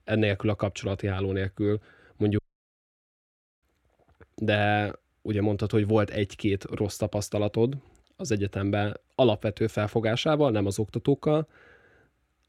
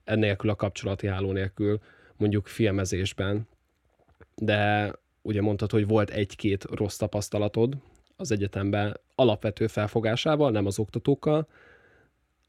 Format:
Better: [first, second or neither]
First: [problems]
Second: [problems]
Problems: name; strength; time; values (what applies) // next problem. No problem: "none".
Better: second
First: audio cutting out; at 2.5 s for 1 s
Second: none